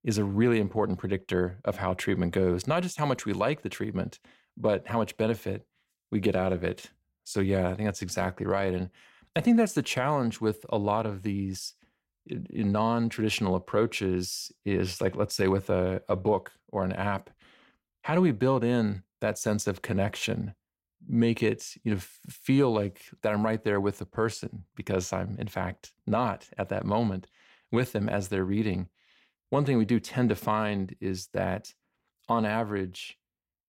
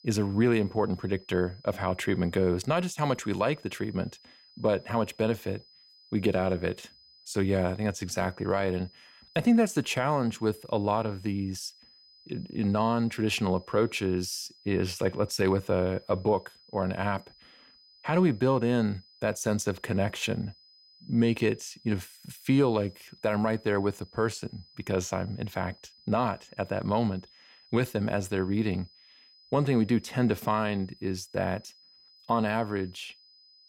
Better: first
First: none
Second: high-pitched whine; faint; throughout; 5 kHz, 25 dB below the speech

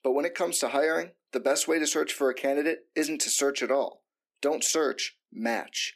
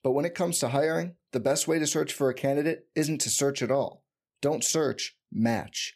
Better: second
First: thin; very slightly; fading below 250 Hz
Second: none

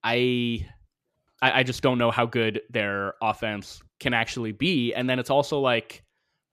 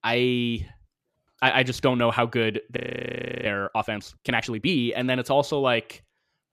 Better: first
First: none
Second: audio freezing; at 3 s for 0.5 s

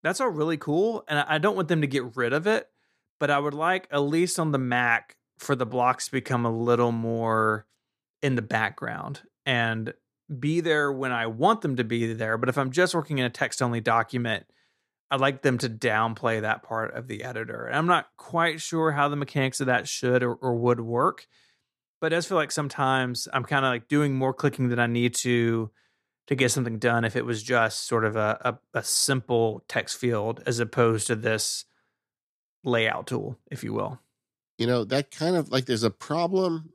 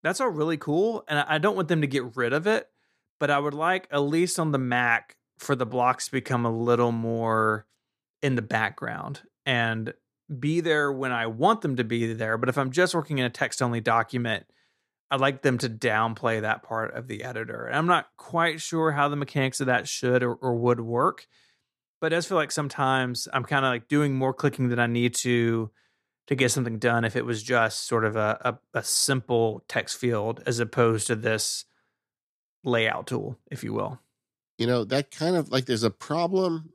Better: neither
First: none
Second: none

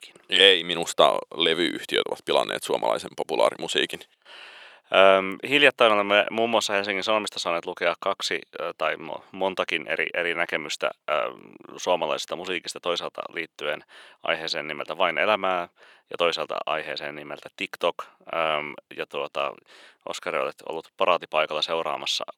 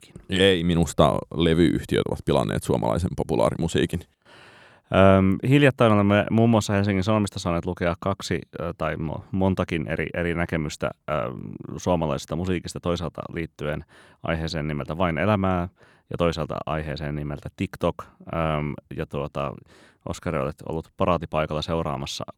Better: second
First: thin; very; fading below 550 Hz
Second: none

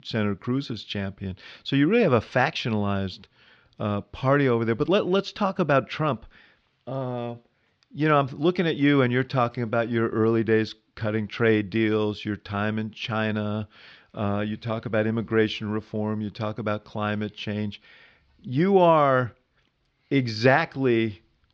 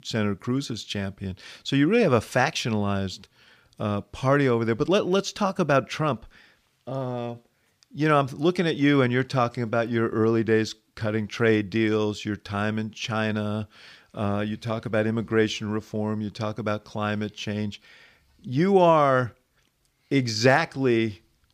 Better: second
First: muffled; very slightly; fading above 4.5 kHz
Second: none

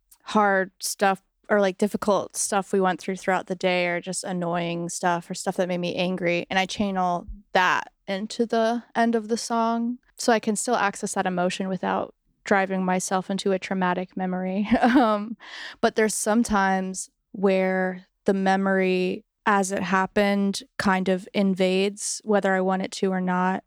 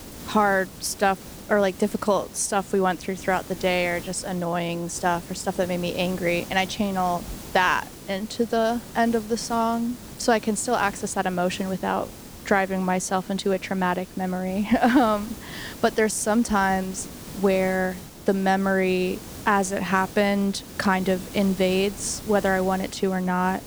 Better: first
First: none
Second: hiss; noticeable; throughout; 15 dB below the speech

